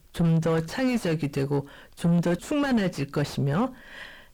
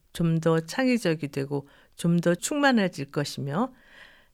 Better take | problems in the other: second | distortion; heavy; 6 dB below the speech

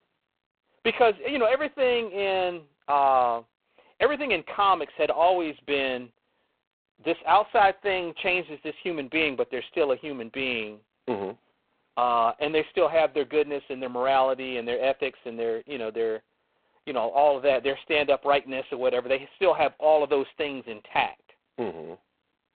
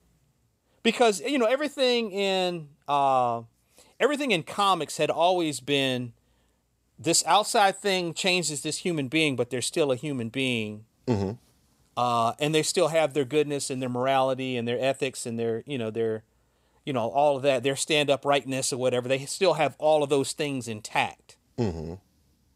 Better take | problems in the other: second | phone-call audio; poor line; nothing above 4 kHz

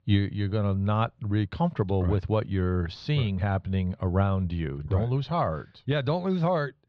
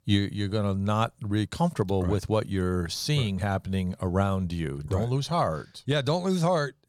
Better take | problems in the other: second | muffled; slightly; fading above 3.5 kHz

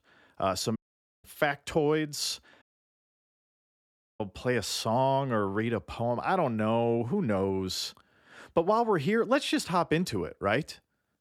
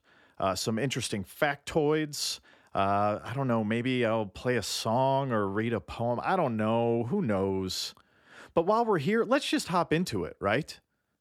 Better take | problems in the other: second | audio cutting out; at 1 s and at 2.5 s for 1.5 s

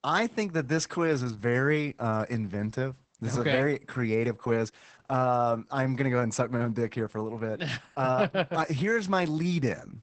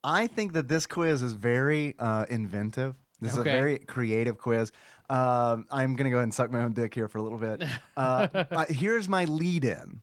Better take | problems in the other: second | garbled, watery; badly; nothing above 8 kHz; slightly in the second

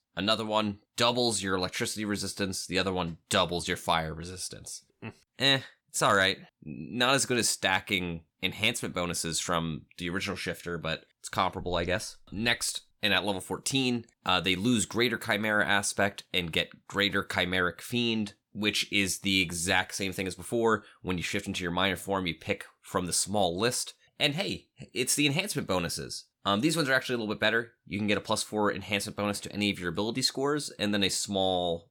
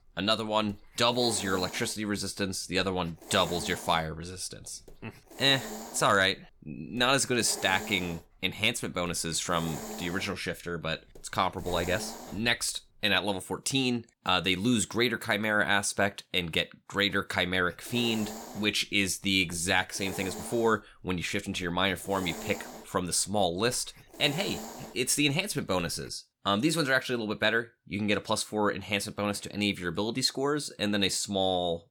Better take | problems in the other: first | hiss; noticeable; until 13 s and from 18 to 26 s; 15 dB below the speech

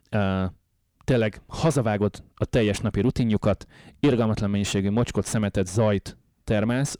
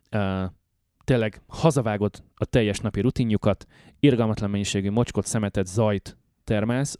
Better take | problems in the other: second | distortion; slight; 10 dB below the speech

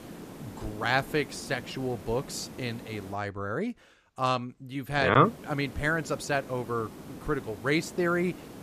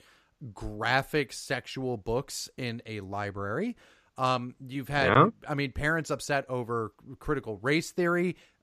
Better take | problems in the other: second | hiss; noticeable; until 3 s and from 5 s on; 15 dB below the speech

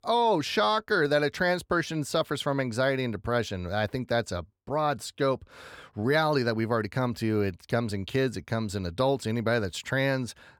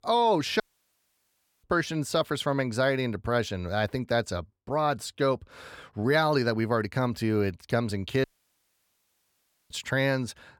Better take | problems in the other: first | audio cutting out; at 0.5 s for 1 s and at 8 s for 1.5 s

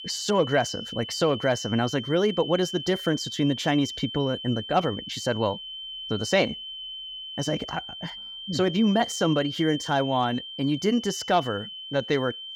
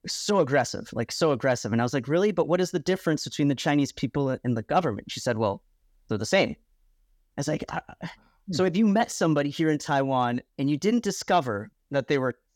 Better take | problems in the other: second | high-pitched whine; loud; throughout; 3 kHz, 9 dB below the speech

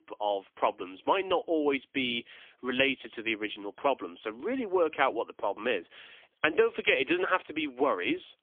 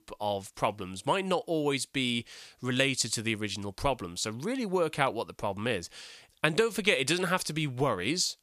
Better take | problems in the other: second | phone-call audio; poor line; nothing above 3.5 kHz

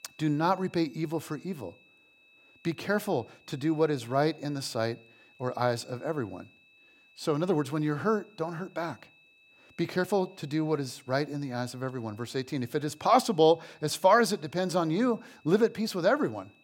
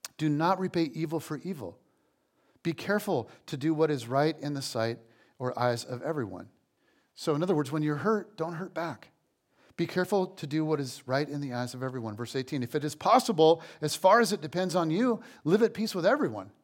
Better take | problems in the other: second | high-pitched whine; faint; throughout; 2.5 kHz, 30 dB below the speech

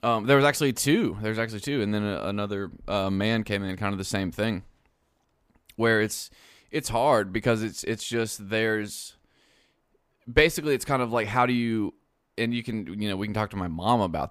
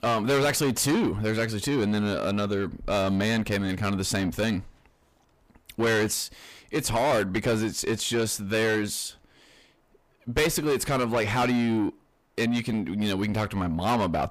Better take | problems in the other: first | distortion; heavy; 6 dB below the speech

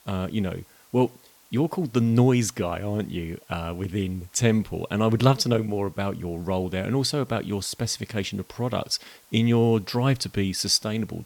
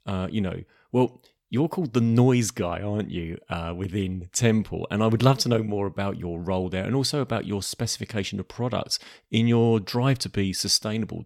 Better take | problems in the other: second | hiss; faint; throughout; 30 dB below the speech

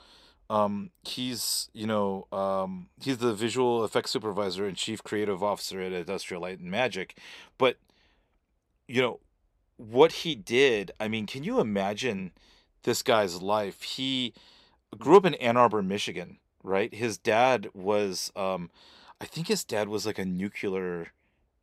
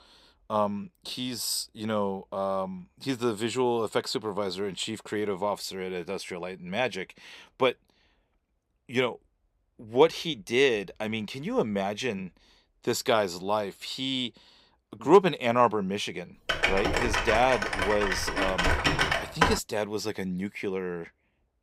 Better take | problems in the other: first | keyboard typing; loud; from 16 to 20 s; peak 4 dB above the speech

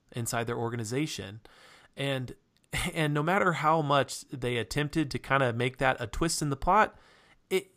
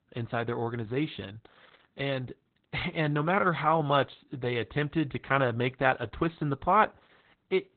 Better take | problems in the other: first | garbled, watery; badly; nothing above 4 kHz

